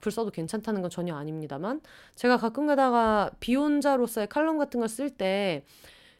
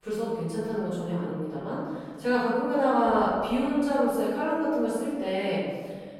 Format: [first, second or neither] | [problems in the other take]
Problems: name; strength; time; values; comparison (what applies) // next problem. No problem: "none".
first | room echo; strong; dies away in 1.7 s // off-mic speech; far